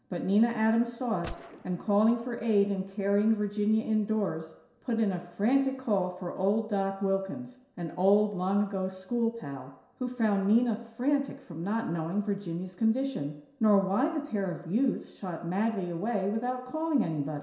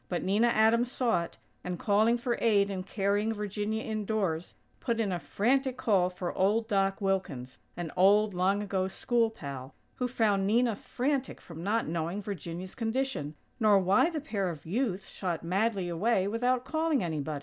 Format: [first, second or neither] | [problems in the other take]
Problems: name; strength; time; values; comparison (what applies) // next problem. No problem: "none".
second | background sound (Gunshot, gunfire); 20 dB below the speech // room echo; dies away in 0.7 s